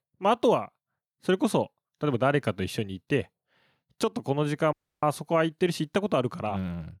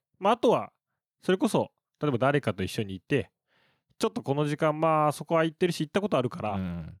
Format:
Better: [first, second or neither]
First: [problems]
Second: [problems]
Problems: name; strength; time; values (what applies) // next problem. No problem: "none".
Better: second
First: audio cutting out; at 4.5 s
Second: none